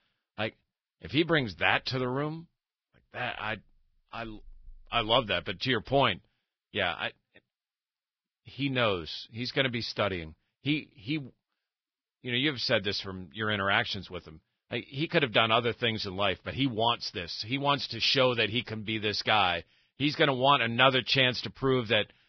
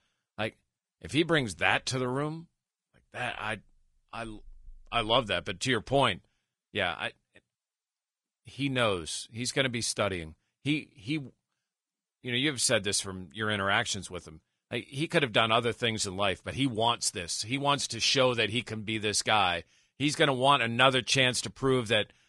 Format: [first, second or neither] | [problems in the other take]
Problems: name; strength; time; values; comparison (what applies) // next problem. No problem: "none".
second | garbled, watery; badly; nothing above 5.5 kHz; slightly in the second